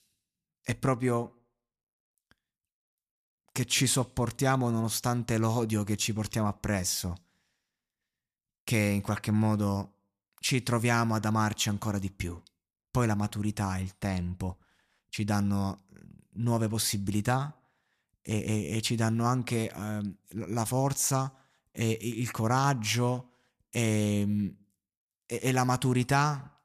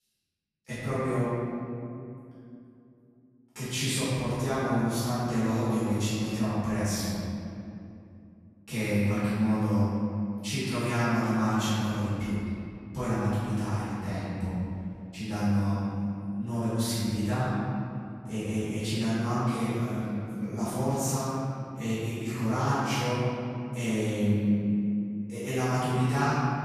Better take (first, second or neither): first